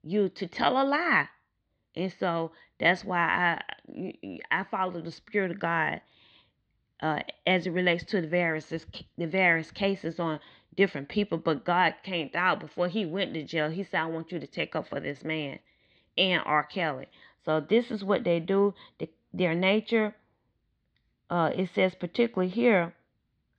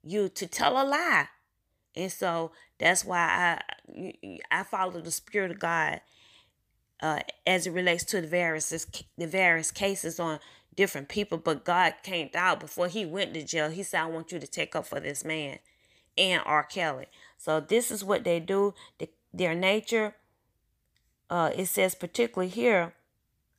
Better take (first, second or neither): second